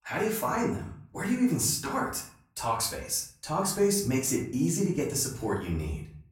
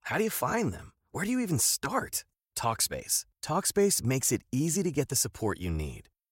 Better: second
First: off-mic speech; far // room echo; slight; dies away in 0.5 s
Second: none

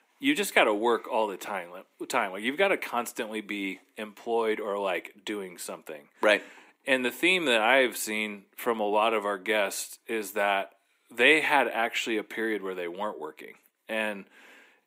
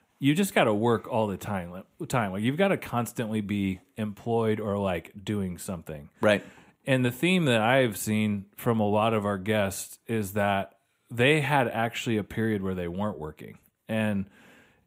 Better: second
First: thin; somewhat; fading below 300 Hz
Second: none

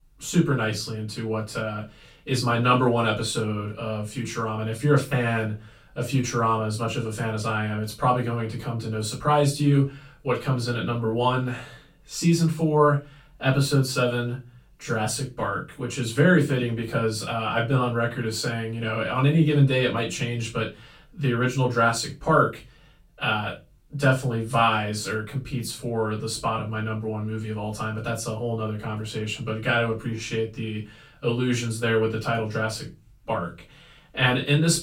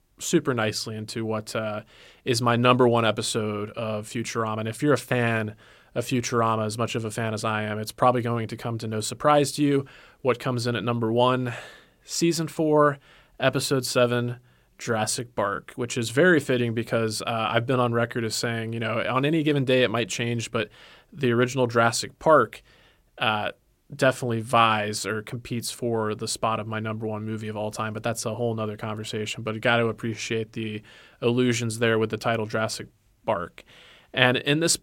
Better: second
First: off-mic speech; far // room echo; slight; dies away in 0.3 s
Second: none

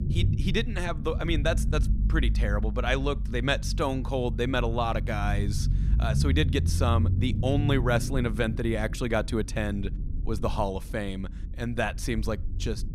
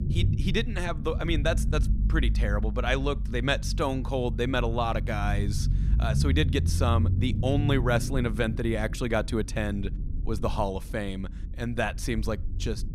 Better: neither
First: low rumble; noticeable; throughout; 15 dB below the speech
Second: low rumble; noticeable; throughout; 15 dB below the speech

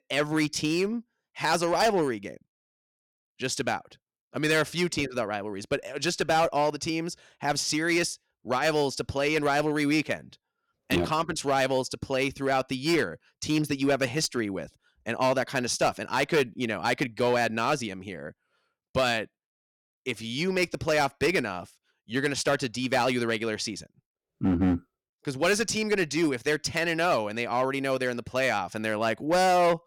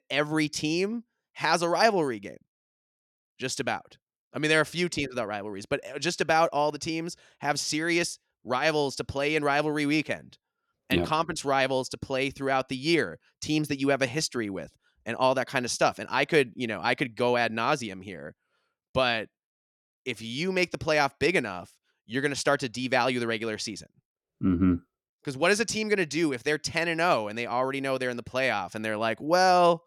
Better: second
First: distortion; slight; 5% of the sound clipped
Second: none

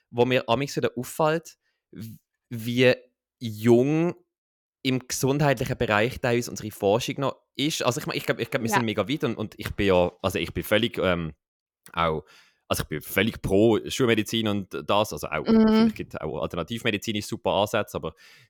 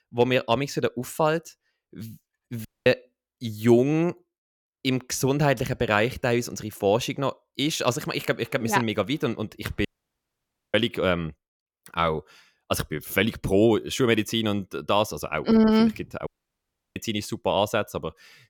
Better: first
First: none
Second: audio cutting out; at 2.5 s, at 10 s for 1 s and at 16 s for 0.5 s

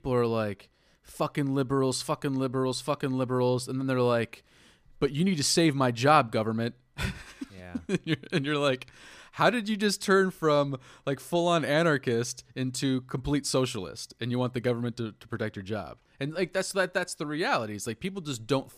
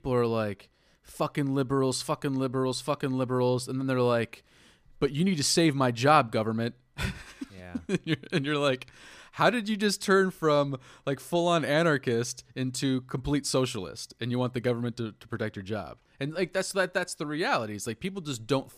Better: neither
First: none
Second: none

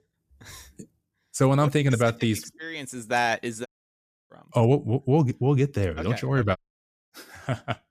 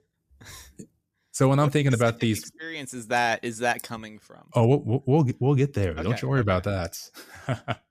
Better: second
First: audio cutting out; at 3.5 s for 0.5 s and at 6.5 s for 0.5 s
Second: none

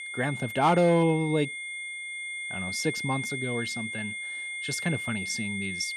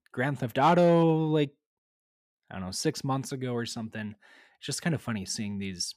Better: second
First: high-pitched whine; loud; throughout; 2 kHz, 5 dB below the speech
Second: none

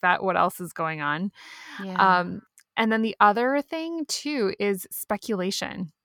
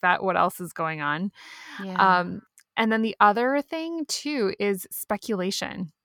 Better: neither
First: none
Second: none

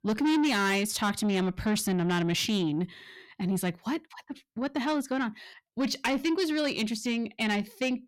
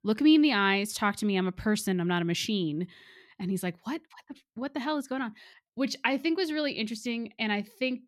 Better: second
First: distortion; heavy; 8 dB below the speech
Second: none

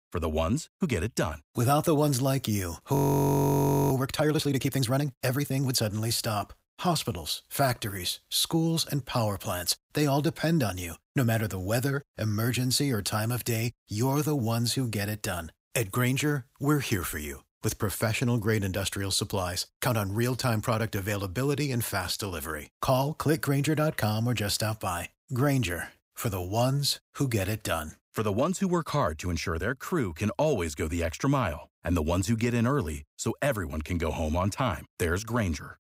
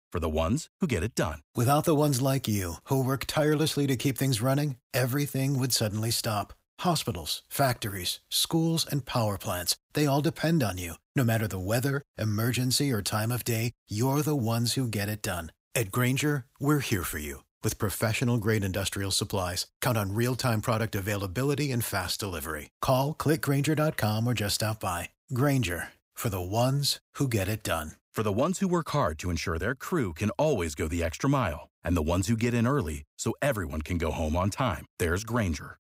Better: second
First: audio freezing; at 3 s for 1 s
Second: none

